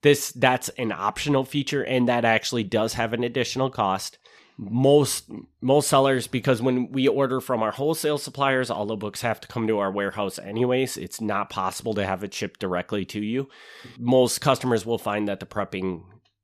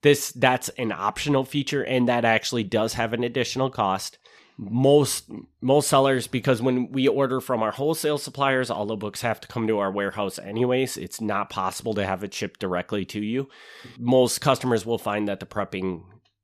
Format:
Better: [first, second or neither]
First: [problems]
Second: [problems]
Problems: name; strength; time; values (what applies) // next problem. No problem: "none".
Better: neither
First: none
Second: none